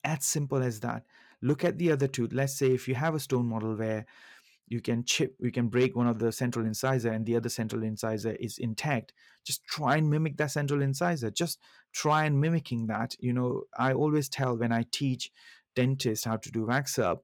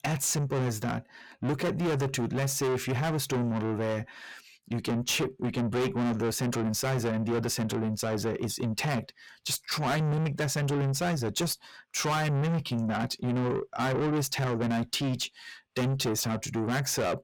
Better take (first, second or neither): first